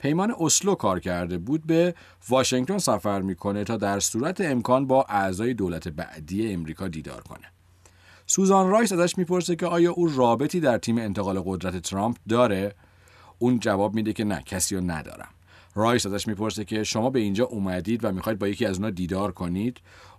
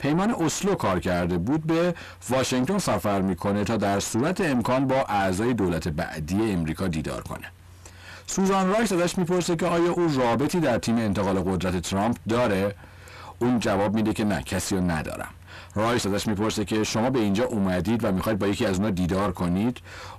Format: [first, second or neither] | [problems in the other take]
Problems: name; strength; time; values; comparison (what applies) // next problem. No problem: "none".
first | distortion; heavy; 5 dB below the speech